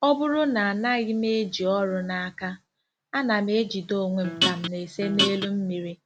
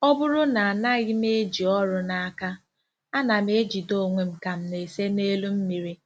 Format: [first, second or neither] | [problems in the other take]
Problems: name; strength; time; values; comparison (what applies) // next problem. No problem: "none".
second | background sound (Guitar); as loud as the speech